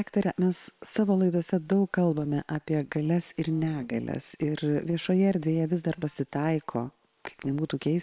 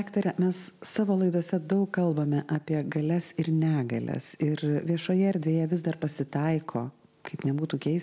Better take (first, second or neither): second